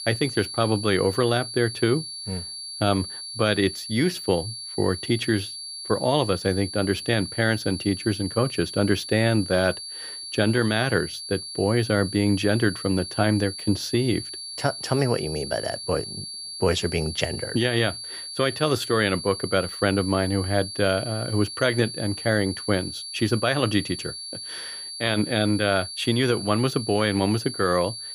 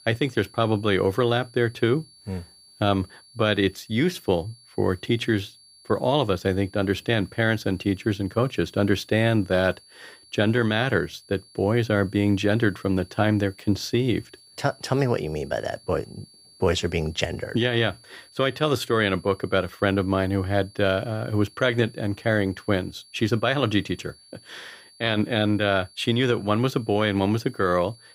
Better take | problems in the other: second | high-pitched whine; loud; throughout; 4.5 kHz, 9 dB below the speech; faint in the second

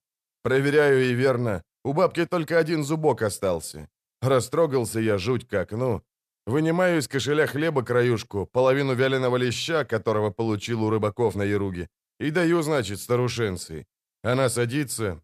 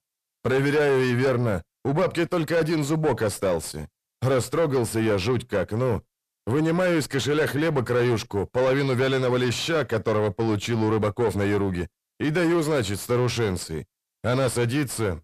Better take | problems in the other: first | distortion; slight; 10 dB below the speech

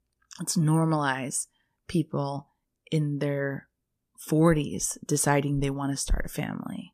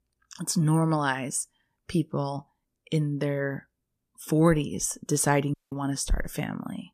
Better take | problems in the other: first | audio cutting out; at 5.5 s

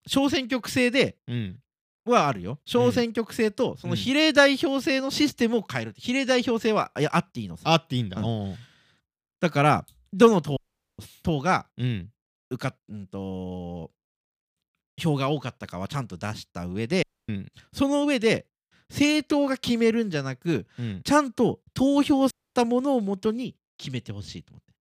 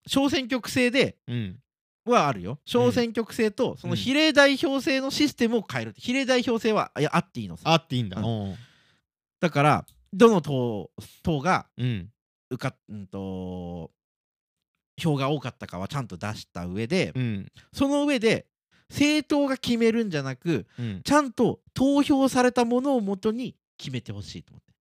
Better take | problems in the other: second | audio cutting out; at 11 s, at 17 s and at 22 s

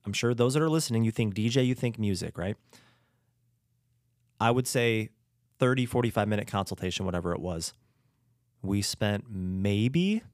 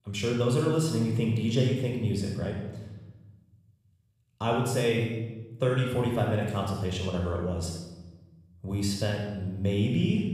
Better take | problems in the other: first | off-mic speech; somewhat distant // room echo; noticeable; dies away in 1.1 s

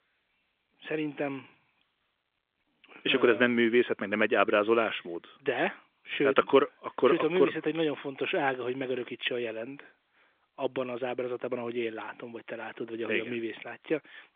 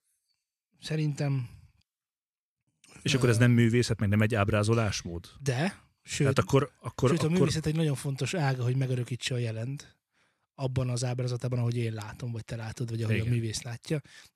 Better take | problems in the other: second | phone-call audio; nothing above 3.5 kHz

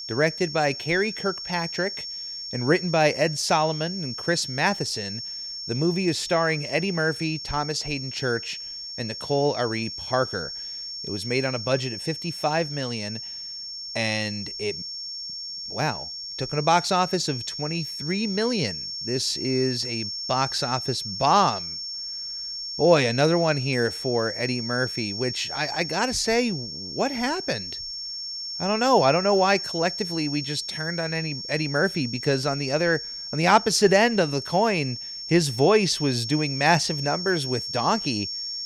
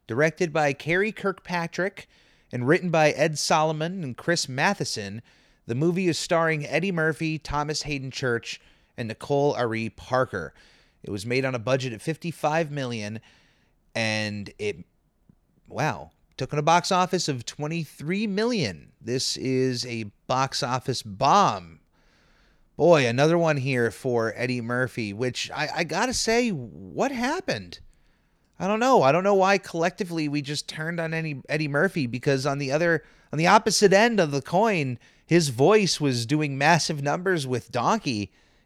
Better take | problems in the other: second | high-pitched whine; loud; throughout; 5.5 kHz, 7 dB below the speech

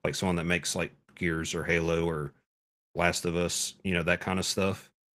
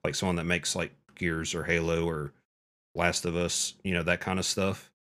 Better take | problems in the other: second | garbled, watery; slightly

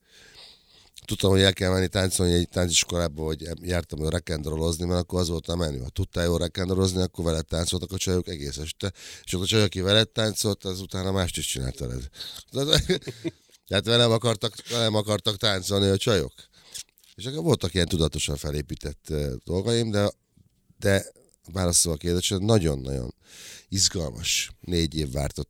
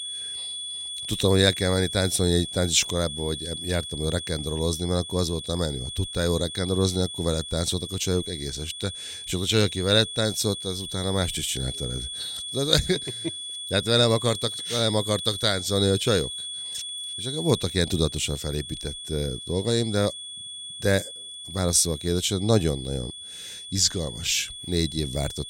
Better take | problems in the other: first | high-pitched whine; loud; throughout; 3.5 kHz, 8 dB below the speech

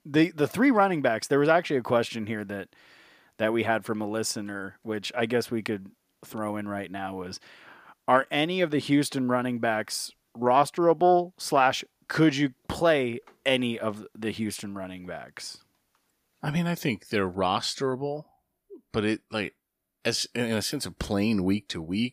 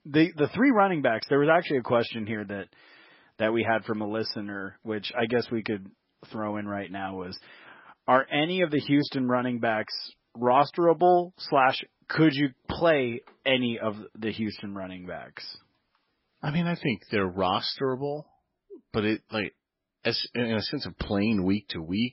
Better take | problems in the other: first | garbled, watery; badly; nothing above 5.5 kHz

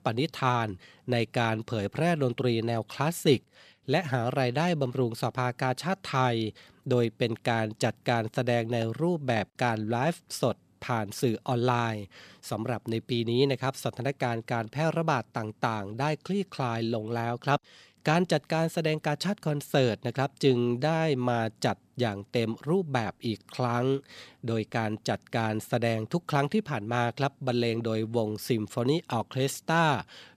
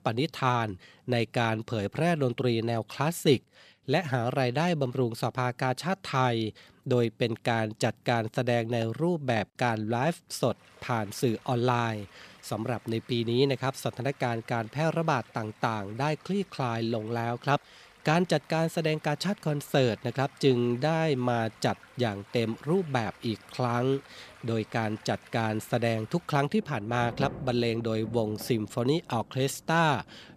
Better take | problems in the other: first | rain or running water; faint; from 11 s on; 20 dB below the speech

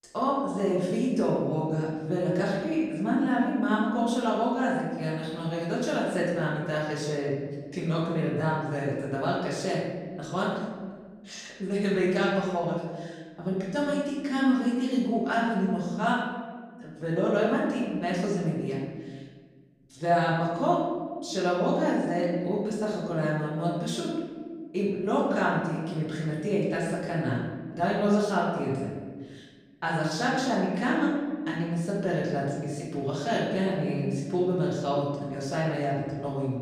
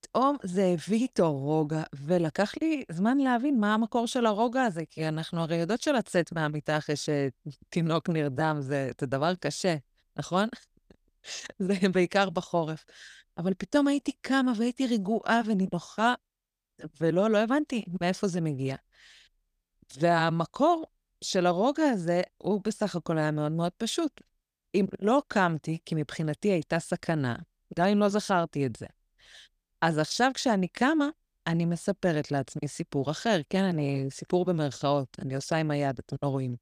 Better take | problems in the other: second | room echo; noticeable; dies away in 1.5 s // off-mic speech; far

